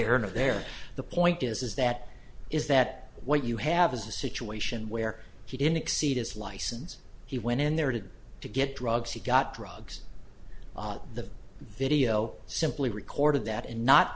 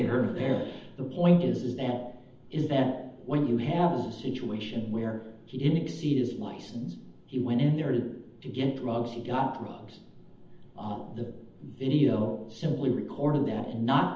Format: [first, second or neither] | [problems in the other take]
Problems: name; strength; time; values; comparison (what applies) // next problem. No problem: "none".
first | room echo; dies away in 0.8 s